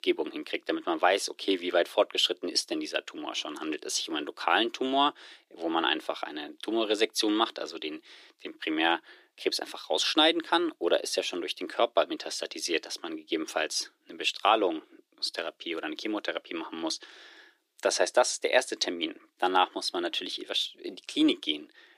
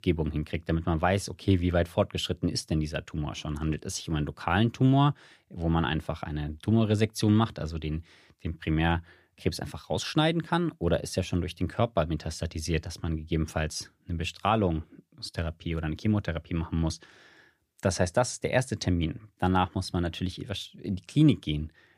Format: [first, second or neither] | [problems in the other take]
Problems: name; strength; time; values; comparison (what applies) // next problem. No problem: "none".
second | thin; very; fading below 350 Hz